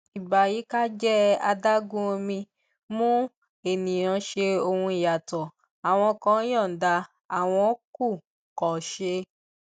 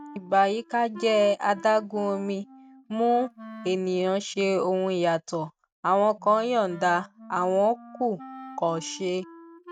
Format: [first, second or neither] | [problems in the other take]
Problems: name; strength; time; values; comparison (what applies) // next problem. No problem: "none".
first | noise reduction (neural mask model RNNoise)